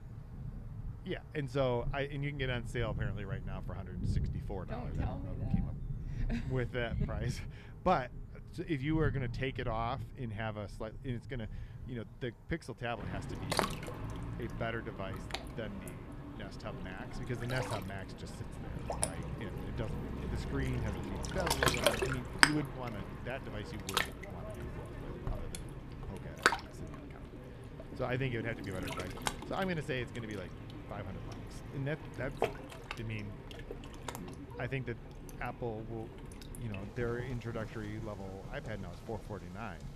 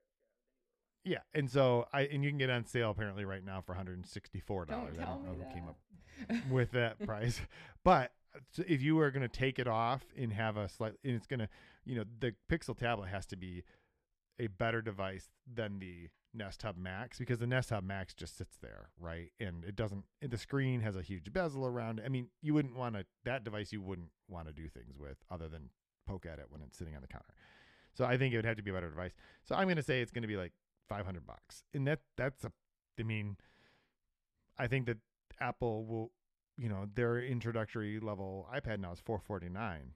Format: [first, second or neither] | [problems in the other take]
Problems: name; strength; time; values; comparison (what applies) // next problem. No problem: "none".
second | rain or running water; very loud; throughout; as loud as the speech